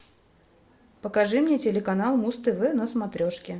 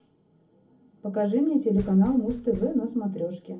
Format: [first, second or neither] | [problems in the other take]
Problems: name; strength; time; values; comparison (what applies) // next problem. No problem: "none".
first | background sound (Knock); 17 dB below the speech // room echo; dies away in 0.3 s